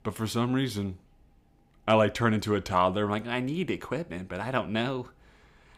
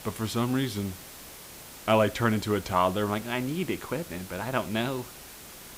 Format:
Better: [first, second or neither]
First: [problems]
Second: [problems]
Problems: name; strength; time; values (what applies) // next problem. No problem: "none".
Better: first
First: none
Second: hiss; noticeable; throughout; 15 dB below the speech